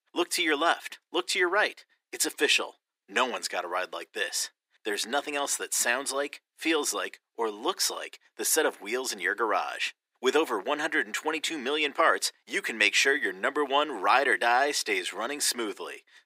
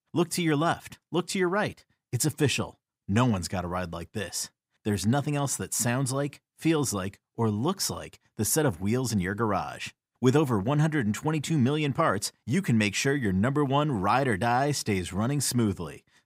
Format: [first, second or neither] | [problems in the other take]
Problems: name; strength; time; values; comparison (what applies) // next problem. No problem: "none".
second | thin; very; fading below 350 Hz